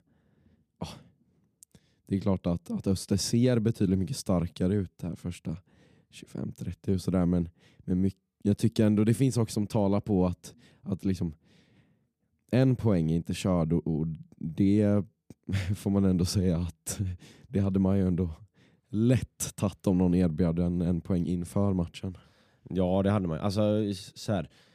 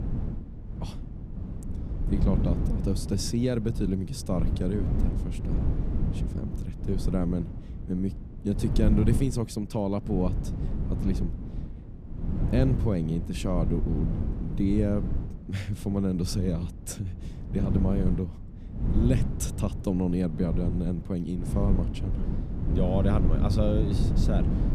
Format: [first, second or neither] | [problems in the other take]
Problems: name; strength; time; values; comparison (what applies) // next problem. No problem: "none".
first | wind noise on the microphone; heavy; 7 dB below the speech